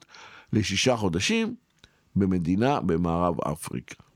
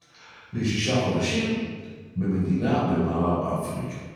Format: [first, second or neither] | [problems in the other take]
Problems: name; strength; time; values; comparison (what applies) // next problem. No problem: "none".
first | off-mic speech; far // room echo; strong; dies away in 1.4 s